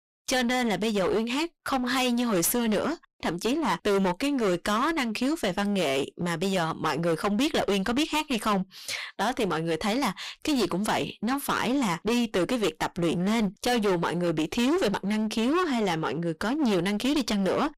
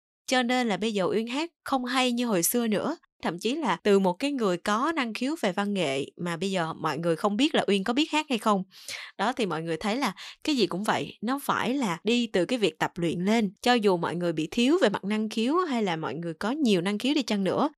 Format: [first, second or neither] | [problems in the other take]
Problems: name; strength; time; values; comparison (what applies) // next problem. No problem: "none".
second | distortion; heavy; 23% of the sound clipped